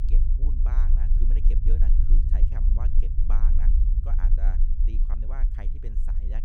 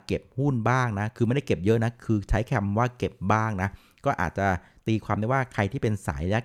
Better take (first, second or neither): second